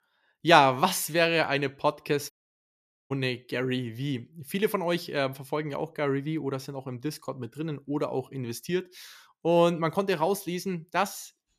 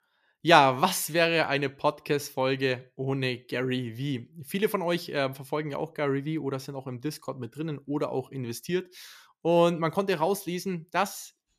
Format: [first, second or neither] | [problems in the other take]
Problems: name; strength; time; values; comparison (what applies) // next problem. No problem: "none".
second | audio cutting out; at 2.5 s for 1 s